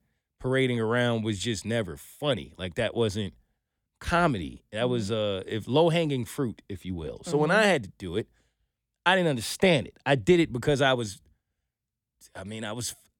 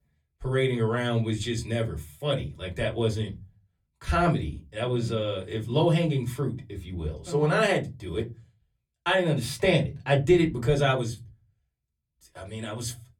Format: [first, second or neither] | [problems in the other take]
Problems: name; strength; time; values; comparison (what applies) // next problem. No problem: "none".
first | off-mic speech; far // room echo; very slight; dies away in 0.3 s